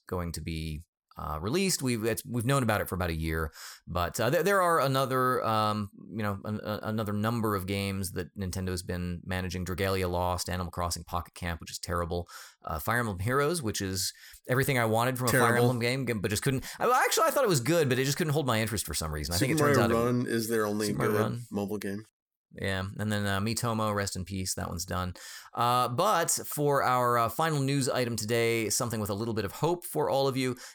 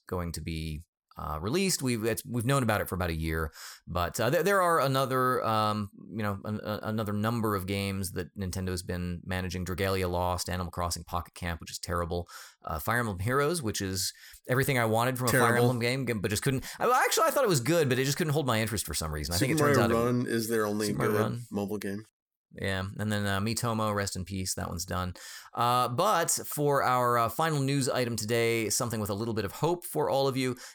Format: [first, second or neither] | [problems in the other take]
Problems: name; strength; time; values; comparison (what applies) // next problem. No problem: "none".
neither | none